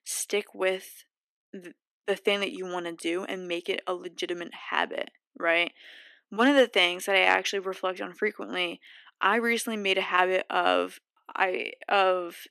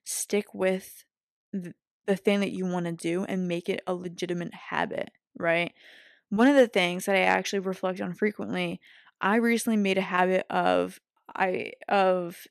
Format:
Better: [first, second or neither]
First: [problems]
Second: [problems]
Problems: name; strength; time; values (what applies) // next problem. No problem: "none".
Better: second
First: thin; very slightly; fading below 300 Hz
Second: none